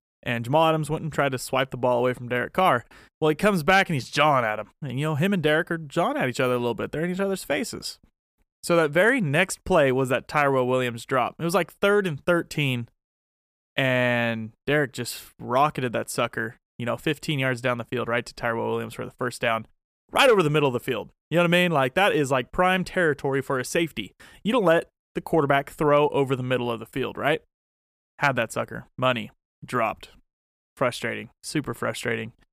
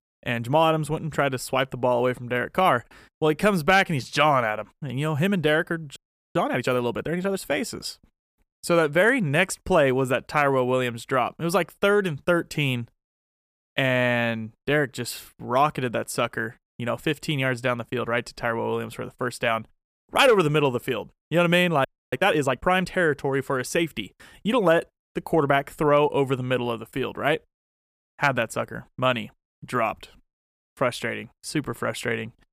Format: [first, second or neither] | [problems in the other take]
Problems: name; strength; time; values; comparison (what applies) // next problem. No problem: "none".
first | audio freezing; at 6 s and at 22 s